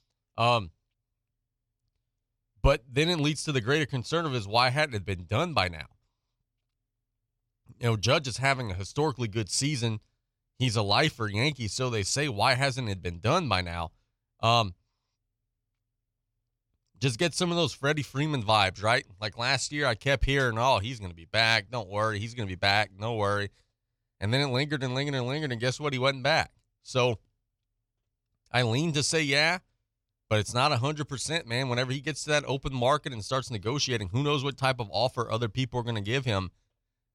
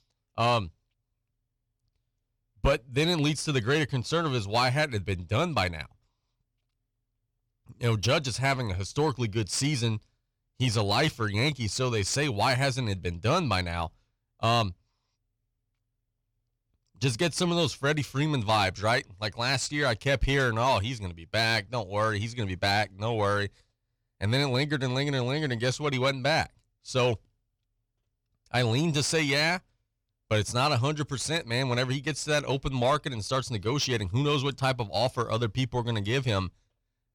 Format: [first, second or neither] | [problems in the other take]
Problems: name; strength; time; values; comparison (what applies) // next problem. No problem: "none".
first | distortion; slight; 10 dB below the speech